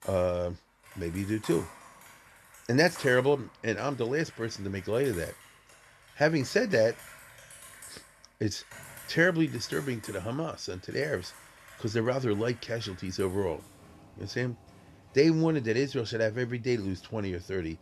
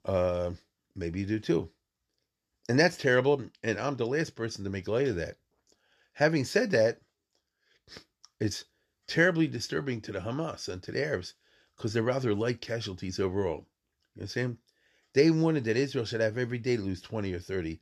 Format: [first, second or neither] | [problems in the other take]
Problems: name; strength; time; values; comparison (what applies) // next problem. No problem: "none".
second | household noises; noticeable; throughout; 20 dB below the speech